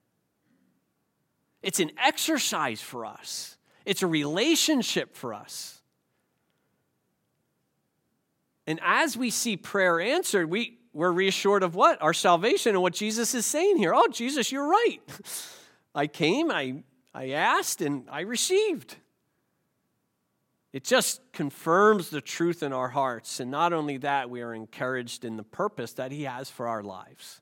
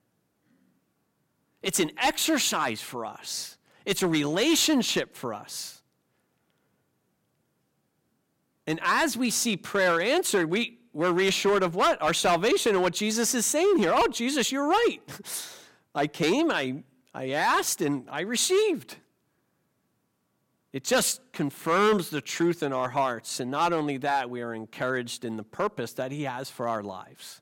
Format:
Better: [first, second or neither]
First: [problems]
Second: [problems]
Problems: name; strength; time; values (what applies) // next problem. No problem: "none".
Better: first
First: none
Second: distortion; slight; 4% of the sound clipped